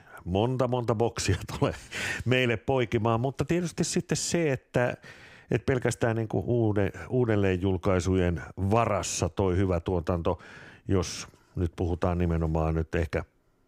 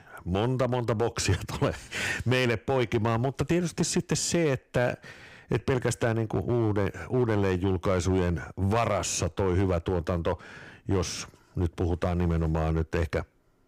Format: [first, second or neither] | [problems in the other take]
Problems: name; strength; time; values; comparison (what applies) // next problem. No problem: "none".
first | distortion; slight; 4% of the sound clipped